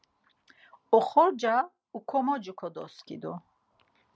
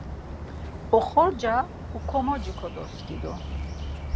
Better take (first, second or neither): first